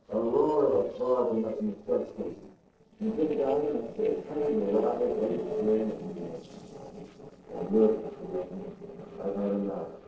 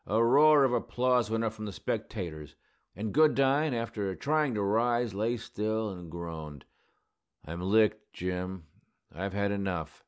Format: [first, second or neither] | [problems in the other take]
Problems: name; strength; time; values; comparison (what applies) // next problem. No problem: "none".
second | noise reduction (neural separator model SepFormer DNS4)